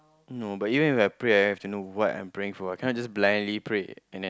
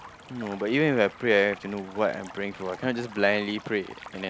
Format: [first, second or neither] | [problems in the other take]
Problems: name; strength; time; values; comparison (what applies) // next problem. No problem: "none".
first | background sound (Stream); 18 dB below the speech